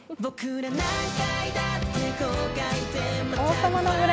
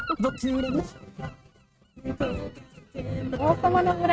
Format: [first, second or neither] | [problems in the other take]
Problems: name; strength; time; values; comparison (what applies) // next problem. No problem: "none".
first | noise reduction (neural mask model RNNoise)